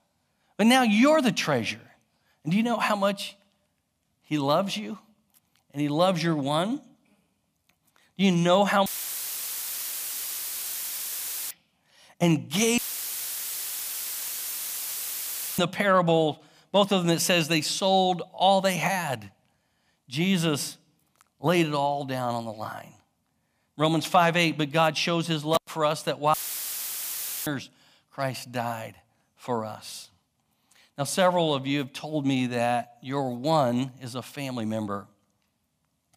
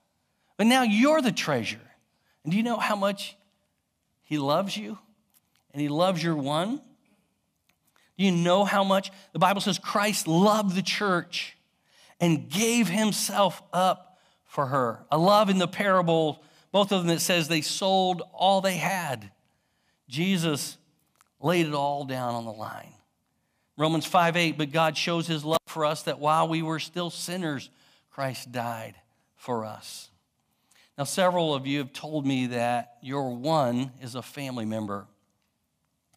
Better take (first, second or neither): second